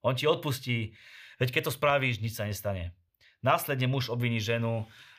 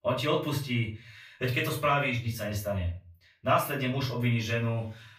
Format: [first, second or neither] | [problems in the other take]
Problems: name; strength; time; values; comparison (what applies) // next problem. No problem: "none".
first | room echo; slight; dies away in 0.3 s // off-mic speech; far